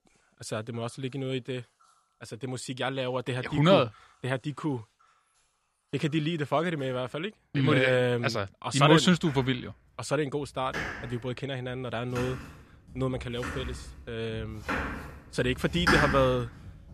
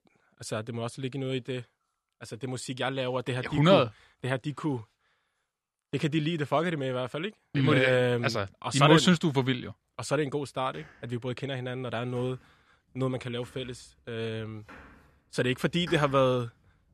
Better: second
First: household noises; loud; throughout; 5 dB below the speech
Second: household noises; faint; throughout; 25 dB below the speech

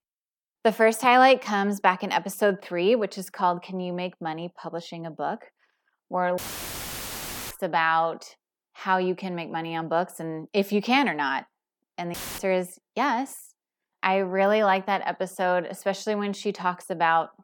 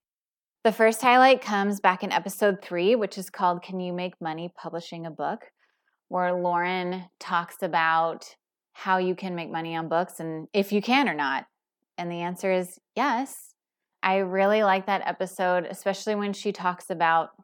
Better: second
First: audio cutting out; filled with static; at 6.5 s for 1 s and at 12 s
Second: none

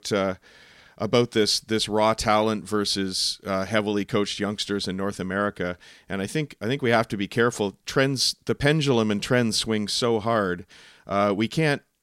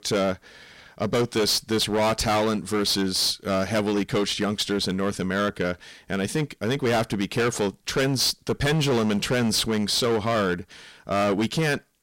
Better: first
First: none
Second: distortion; heavy; 16% of the sound clipped

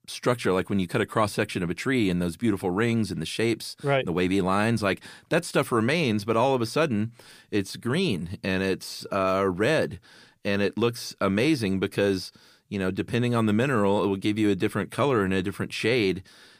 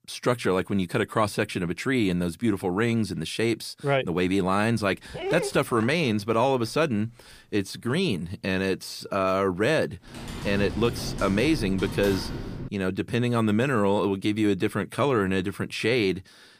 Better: first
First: none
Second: dog barking; noticeable; at 5 s; peak 4 dB below the speech // keyboard typing; noticeable; from 10 to 13 s; peak 8 dB below the speech

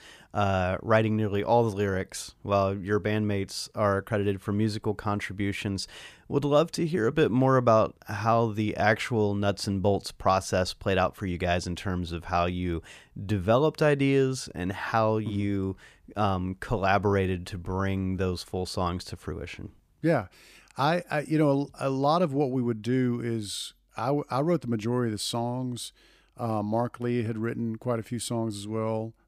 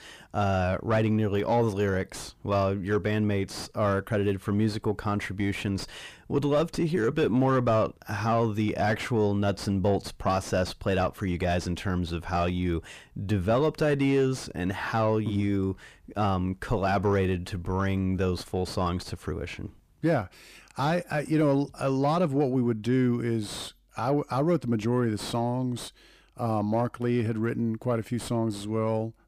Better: first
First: none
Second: distortion; slight; 10 dB below the speech

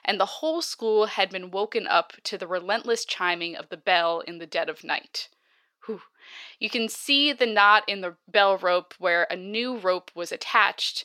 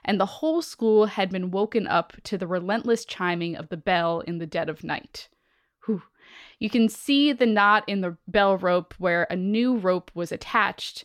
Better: second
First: thin; somewhat; fading below 500 Hz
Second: none

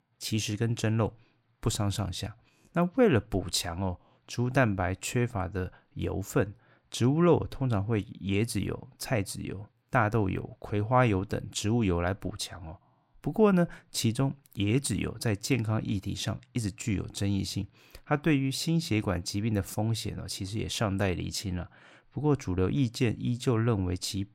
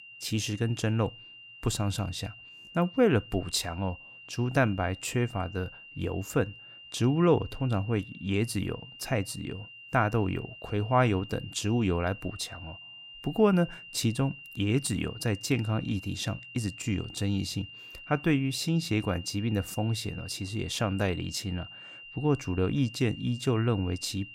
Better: first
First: none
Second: high-pitched whine; noticeable; throughout; 3 kHz, 15 dB below the speech

